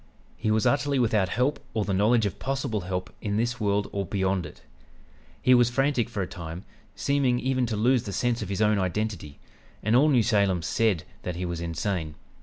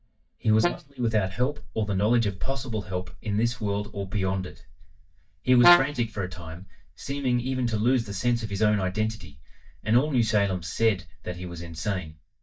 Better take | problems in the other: first | noise reduction (neural mask model DeepFilterNet 3)

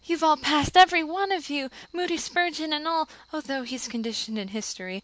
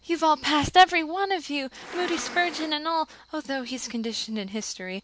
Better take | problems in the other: first | background sound (Insect); 11 dB below the speech

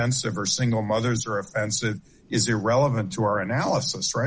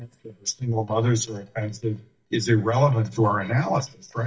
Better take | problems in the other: first | noise reduction (neural mask model DeepFilterNet 3)

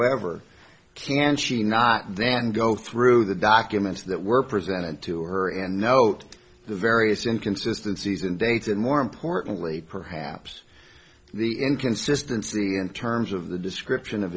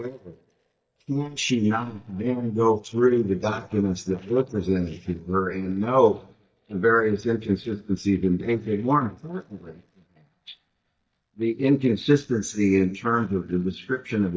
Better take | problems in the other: first | noise reduction (neural mask model DeepFilterNet 3)

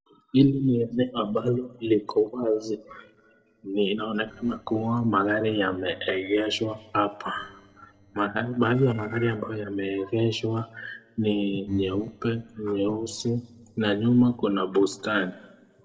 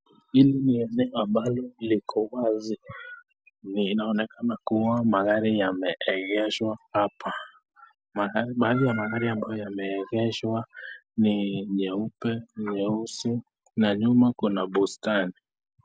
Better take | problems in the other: second | noise reduction (neural separator model SepFormer DNS4)

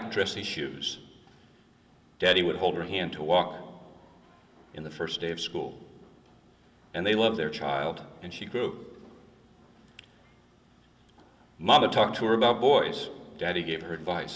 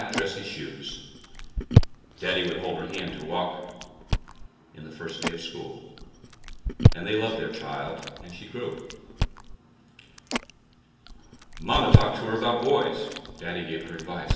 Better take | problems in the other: first | background sound (Chewing, mastication); 3 dB above the speech // room echo; dies away in 1.1 s

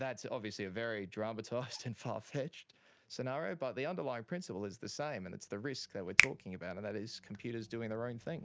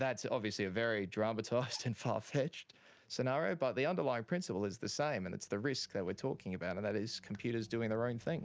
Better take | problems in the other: second | background sound (Finger snapping); 4 dB above the speech

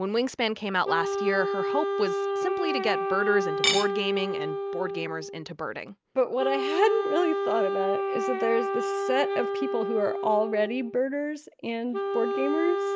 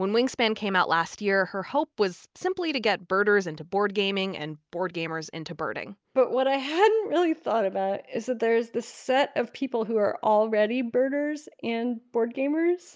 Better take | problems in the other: second | background sound (Cutlery, silverware / Dishes, pots, and pans + Wind instrument, woodwind instrument); 1 dB below the speech

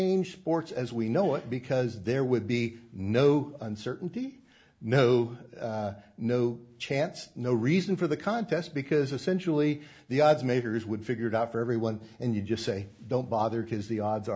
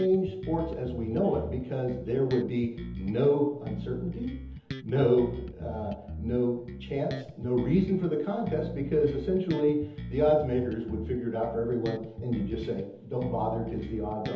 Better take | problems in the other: first | background sound (Bass guitar); 10 dB below the speech // room echo; dies away in 0.8 s

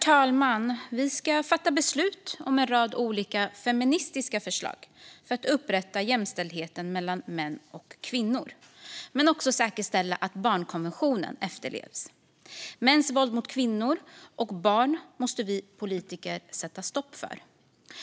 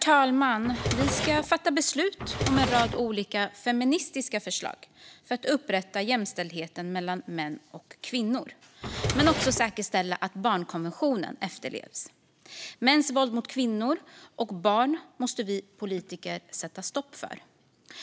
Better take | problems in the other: first | background sound (Drawer open or close); 2 dB below the speech

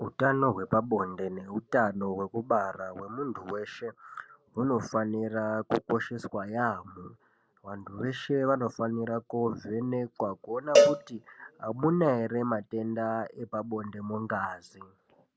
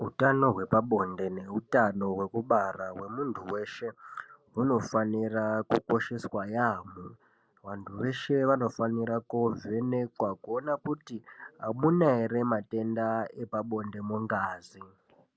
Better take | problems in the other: second | background sound (Cowbell); 3 dB above the speech

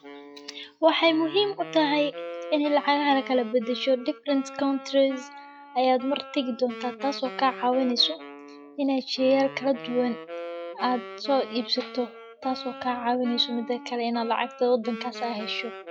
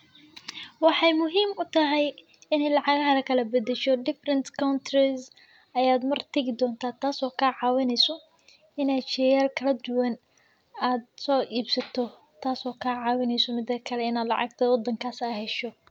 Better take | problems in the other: second | noise reduction (classical method log-MMSE)

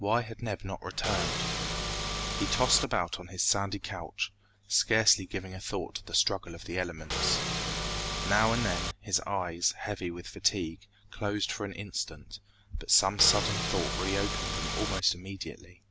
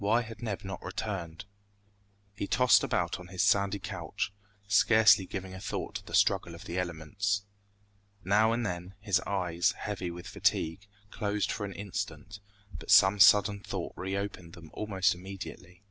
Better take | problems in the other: second | background sound (Engine / Car); as loud as the speech

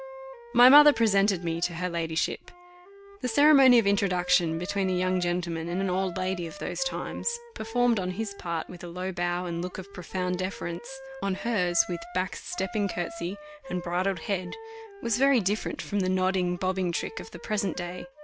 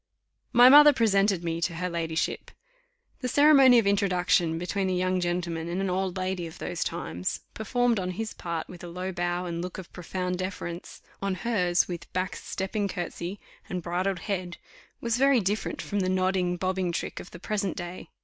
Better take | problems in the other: second | background sound (Wind instrument, woodwind instrument); 16 dB below the speech

